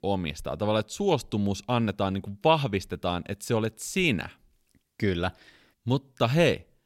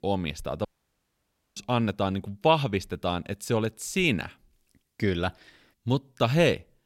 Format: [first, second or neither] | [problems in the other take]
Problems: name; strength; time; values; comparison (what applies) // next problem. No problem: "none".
first | audio cutting out; at 0.5 s for 1 s